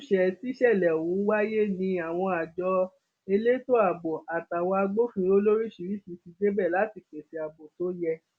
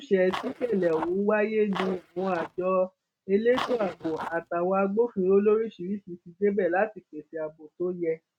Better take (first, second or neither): first